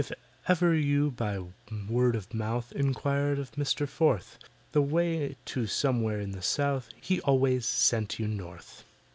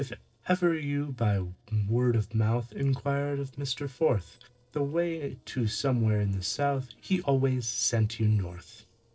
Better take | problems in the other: first | noise reduction (neural separator model SepFormer DNS4)

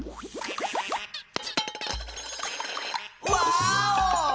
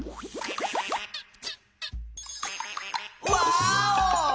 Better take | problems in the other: second | background sound (Coin (dropping)); 10 dB below the speech

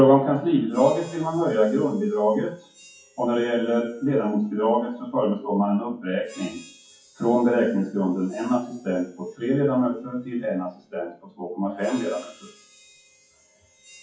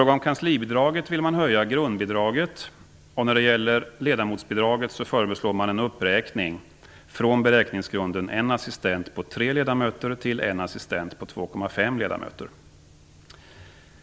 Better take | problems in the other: second | noise reduction (classical method WPE with log-MMSE)

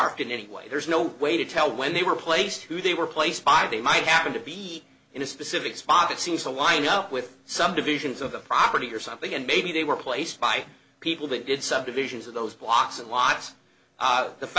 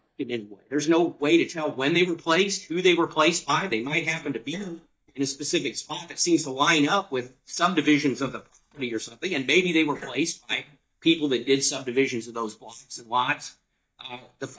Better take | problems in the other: first | noise reduction (neural mask model DeepFilterNet 3)

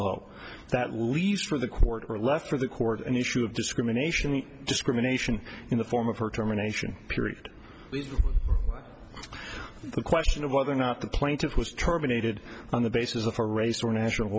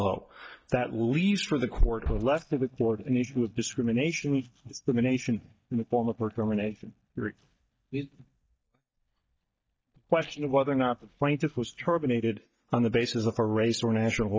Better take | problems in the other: first | noise reduction (neural mask model DeepFilterNet 3)

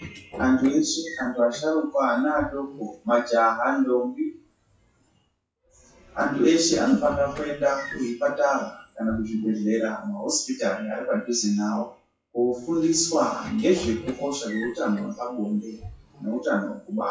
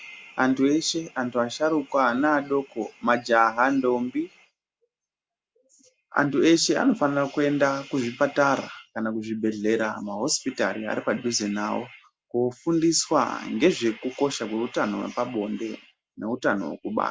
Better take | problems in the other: second | noise reduction (classical method WPE with log-MMSE)

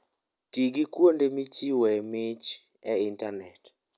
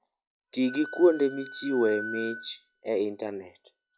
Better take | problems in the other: first | noise reduction (classical method log-MMSE)

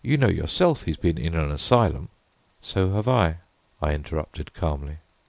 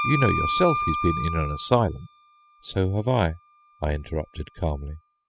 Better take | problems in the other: first | noise reduction (classical method spectral subtraction)

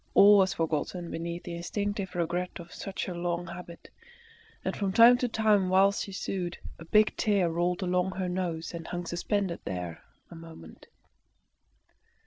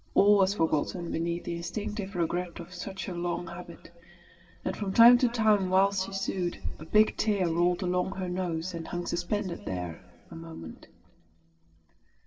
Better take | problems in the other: first | room echo; dies away in 2.5 s

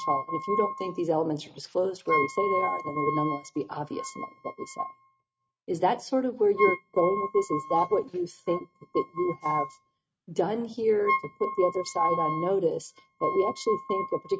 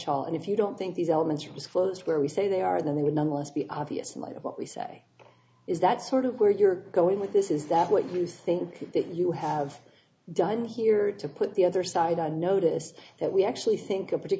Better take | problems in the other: second | noise reduction (neural mask model RNNoise)

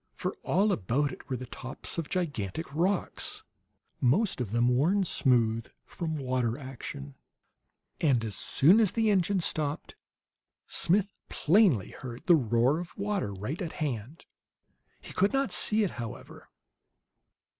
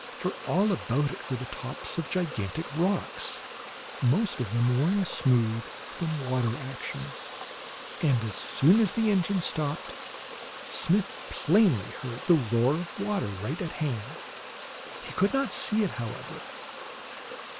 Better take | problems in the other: first | background sound (Water); 12 dB below the speech

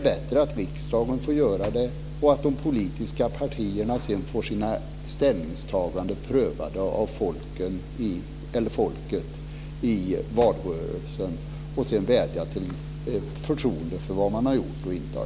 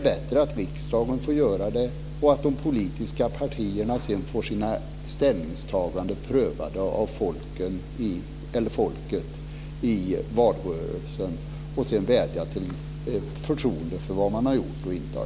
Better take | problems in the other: second | background sound (Thump, thud); 18 dB below the speech

